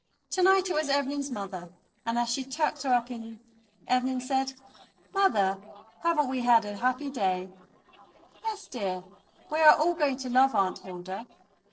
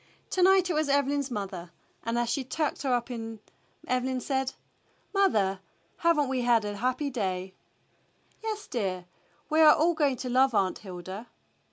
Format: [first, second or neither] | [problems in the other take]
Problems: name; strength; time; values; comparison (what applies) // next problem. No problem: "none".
second | noise reduction (neural separator model SepFormer DNS4)